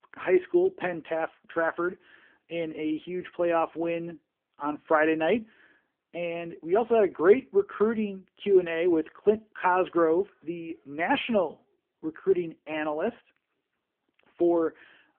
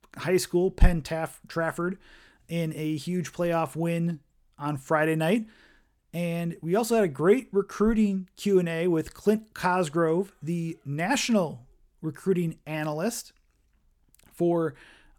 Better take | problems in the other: second | phone-call audio; poor line; nothing above 3 kHz

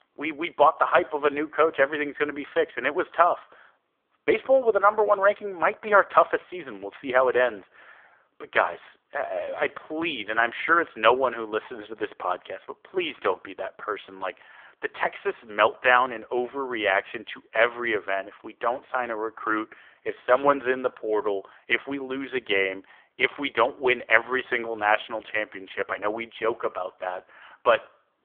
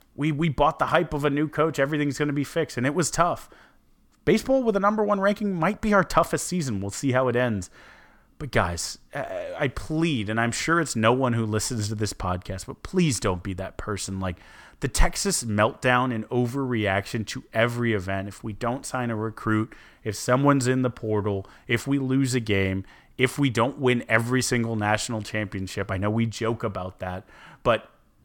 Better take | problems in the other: second | phone-call audio; poor line; nothing above 3.5 kHz

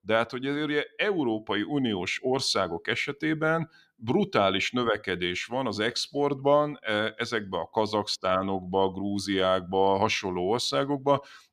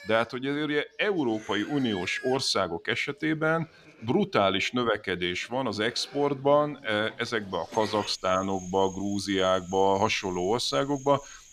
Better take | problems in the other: first | animal sounds; noticeable; throughout; 20 dB below the speech

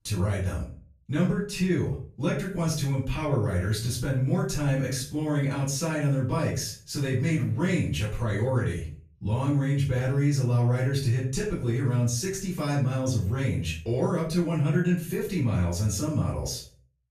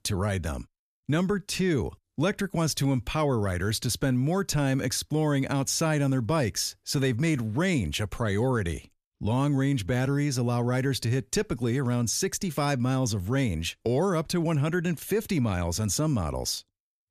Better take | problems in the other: second | off-mic speech; far // room echo; noticeable; dies away in 0.4 s

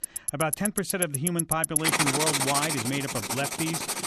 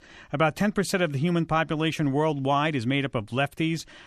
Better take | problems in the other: second | household noises; very loud; throughout; 3 dB above the speech

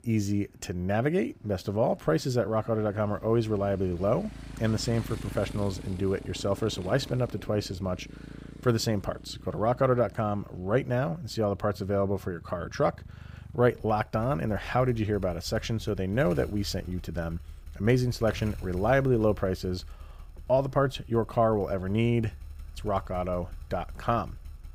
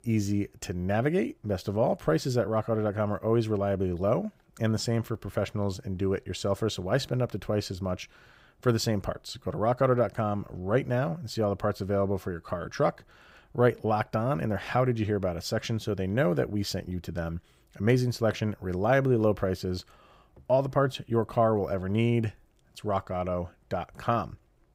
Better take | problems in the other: second | traffic noise; noticeable; throughout; 15 dB below the speech

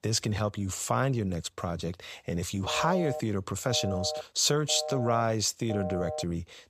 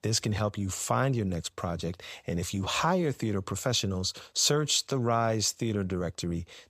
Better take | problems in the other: second | phone ringing; noticeable; from 2.5 s on; peak 6 dB below the speech

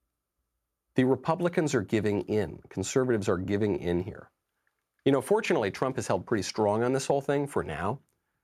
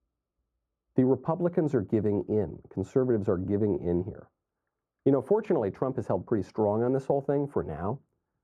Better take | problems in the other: first | muffled; very; fading above 1.5 kHz

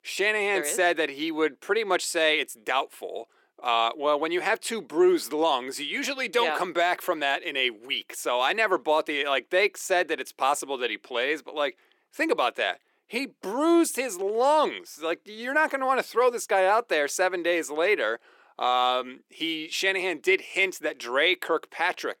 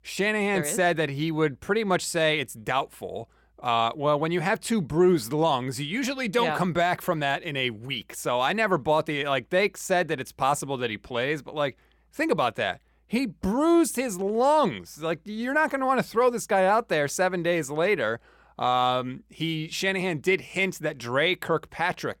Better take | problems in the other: second | thin; somewhat; fading below 350 Hz

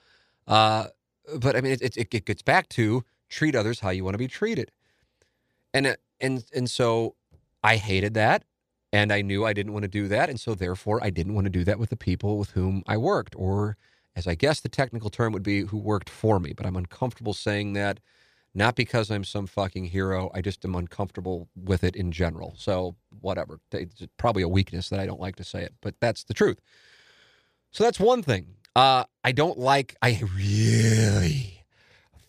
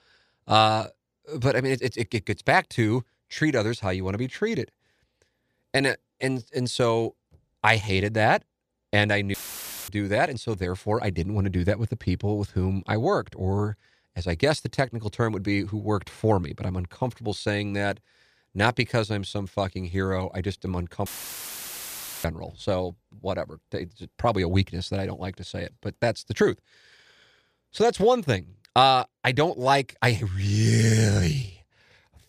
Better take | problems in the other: first | audio cutting out; filled with static; at 9.5 s for 0.5 s and at 21 s for 1 s

